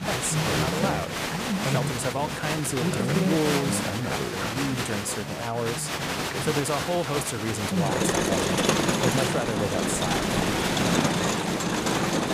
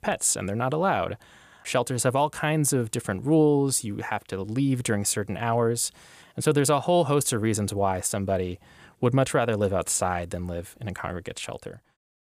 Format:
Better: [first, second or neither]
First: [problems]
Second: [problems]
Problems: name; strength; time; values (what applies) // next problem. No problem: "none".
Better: second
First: crowd noise; very loud; throughout; 4 dB above the speech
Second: none